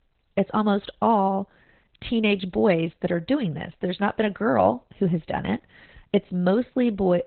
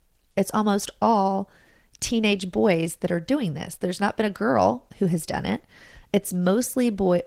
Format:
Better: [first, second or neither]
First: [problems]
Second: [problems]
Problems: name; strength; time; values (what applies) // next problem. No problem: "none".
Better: second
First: garbled, watery; badly; nothing above 4 kHz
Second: garbled, watery; slightly; nothing above 16 kHz